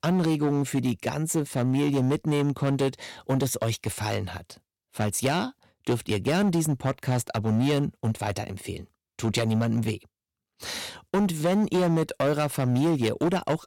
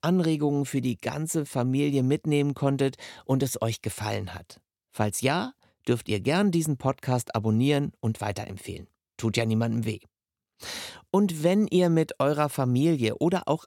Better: second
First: distortion; slight; 10% of the sound clipped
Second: none

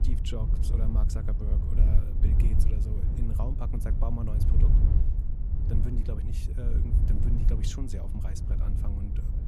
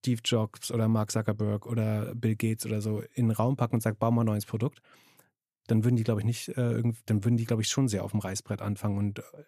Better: second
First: wind noise on the microphone; heavy; 1 dB below the speech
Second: none

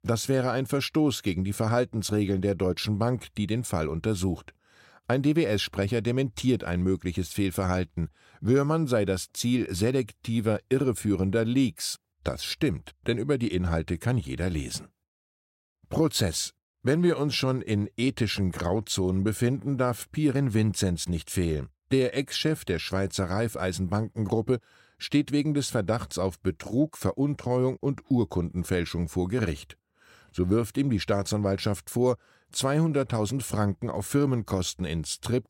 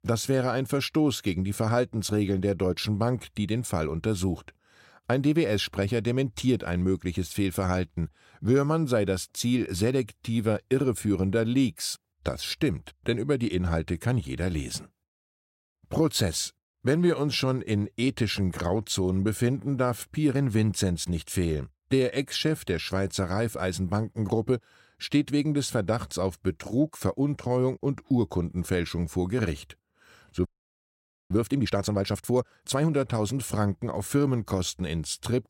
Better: first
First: none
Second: audio freezing; at 30 s for 1 s

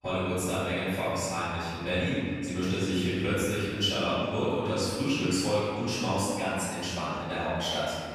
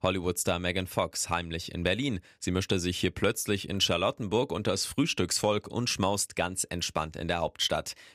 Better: second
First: off-mic speech; far // room echo; strong; dies away in 2.2 s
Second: none

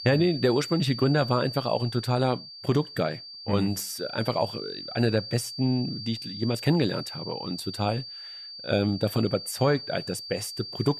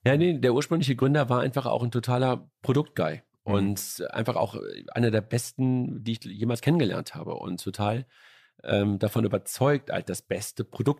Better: second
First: high-pitched whine; loud; throughout; 4.5 kHz, 9 dB below the speech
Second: none

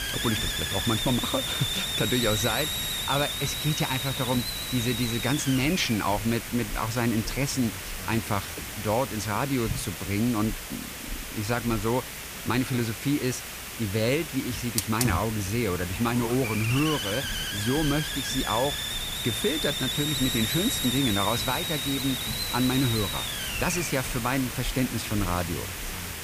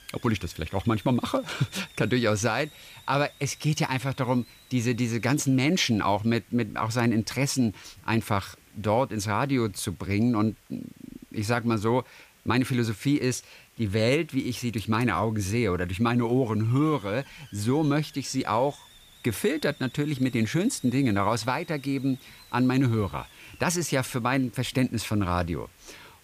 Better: second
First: hiss; loud; throughout; 2 dB below the speech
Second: hiss; faint; throughout; 25 dB below the speech

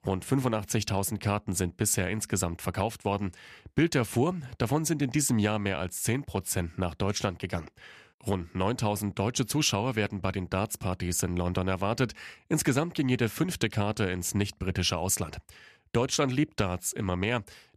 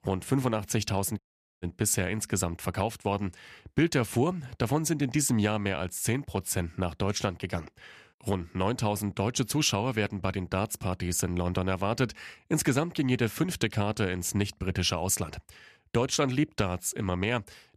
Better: first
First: none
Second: audio cutting out; at 1 s

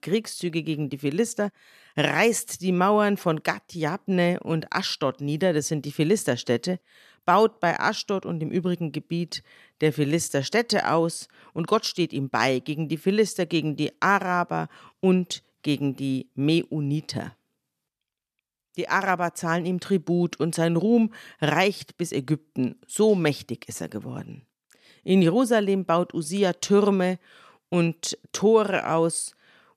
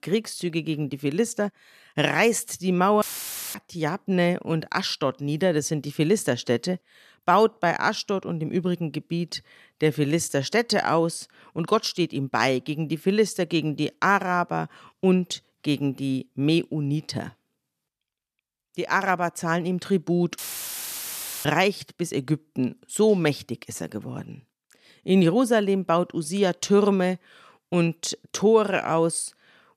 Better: first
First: none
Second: audio cutting out; filled with static; at 3 s for 0.5 s and at 20 s for 1 s

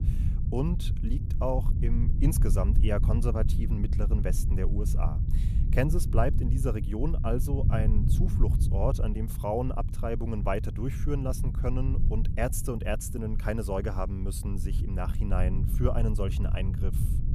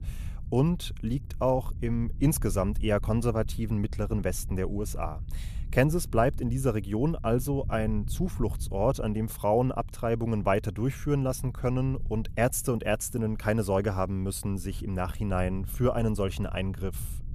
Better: second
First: low rumble; loud; throughout; 9 dB below the speech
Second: low rumble; faint; throughout; 25 dB below the speech

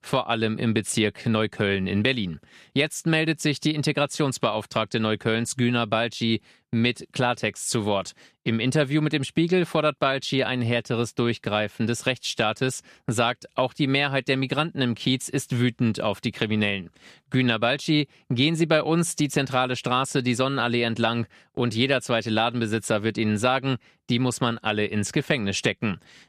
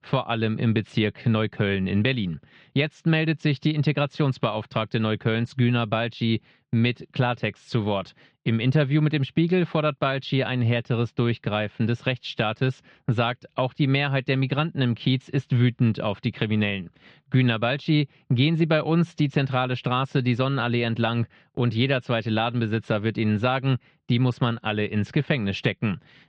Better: first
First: none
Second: muffled; slightly; fading above 4 kHz

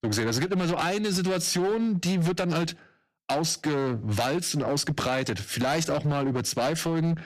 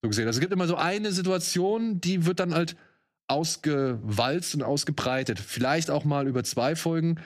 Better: second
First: distortion; slight; 16% of the sound clipped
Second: none

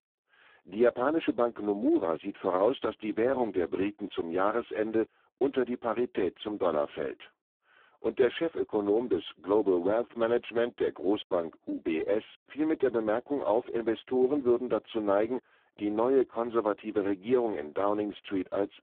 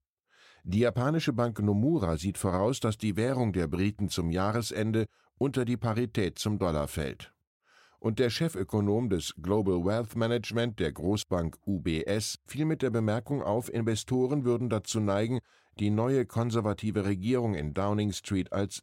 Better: second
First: phone-call audio; poor line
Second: none

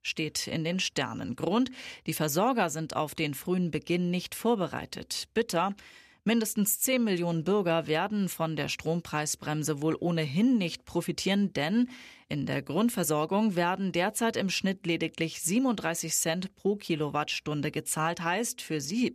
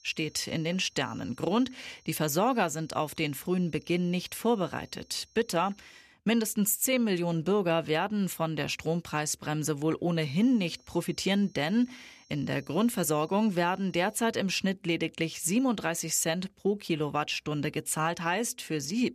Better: first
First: none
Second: high-pitched whine; faint; until 6 s and from 10 to 14 s; 5.5 kHz, 30 dB below the speech

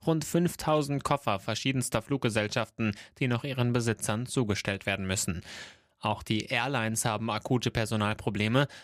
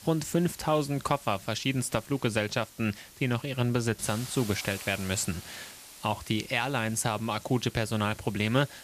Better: first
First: none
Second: hiss; noticeable; throughout; 15 dB below the speech

